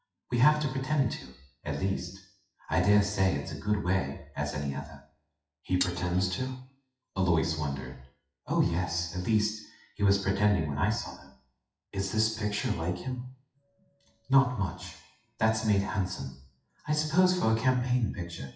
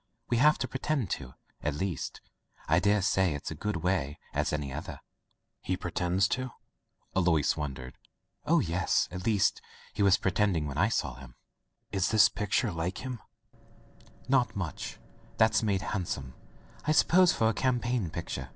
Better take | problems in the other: second | noise reduction (classical method WPE with log-MMSE)

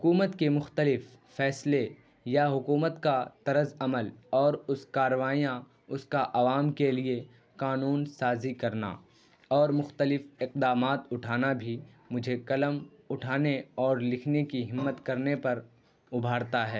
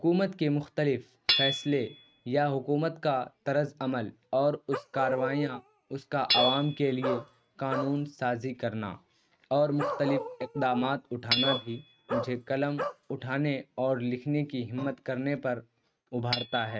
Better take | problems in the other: first | noise reduction (neural mask model RNNoise)

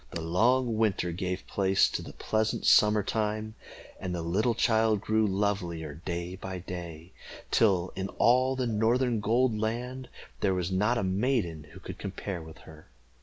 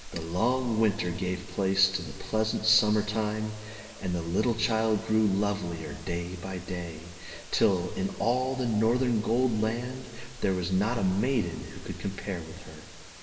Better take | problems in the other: first | background sound (Water); 20 dB below the speech // room echo; dies away in 2.1 s

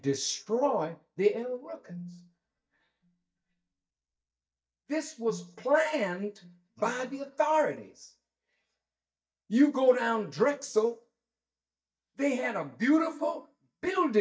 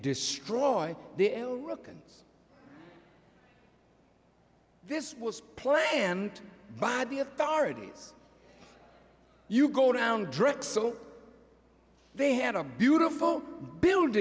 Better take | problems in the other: second | noise reduction (neural mask model DeepFilterNet 3)

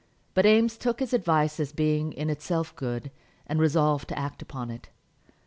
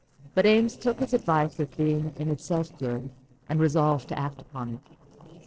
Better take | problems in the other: first | noise reduction (neural separator model SepFormer DNS4)

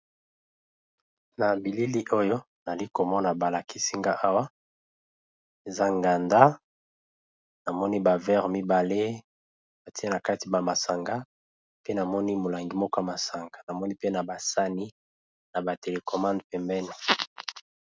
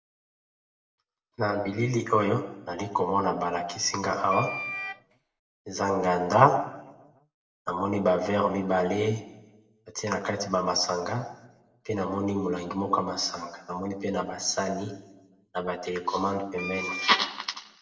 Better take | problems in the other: first | background sound (Wind instrument, woodwind instrument); 9 dB below the speech // room echo; dies away in 0.8 s

